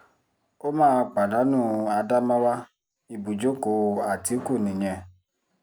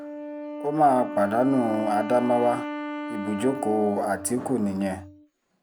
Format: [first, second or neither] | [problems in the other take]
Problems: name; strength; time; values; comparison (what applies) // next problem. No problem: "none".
first | background sound (Wind instrument, woodwind instrument); 9 dB below the speech